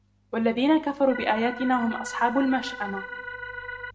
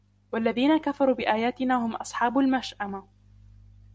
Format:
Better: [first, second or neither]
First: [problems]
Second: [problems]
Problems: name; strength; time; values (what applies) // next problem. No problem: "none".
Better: second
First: background sound (Organ); 10 dB below the speech // room echo; dies away in 0.7 s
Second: none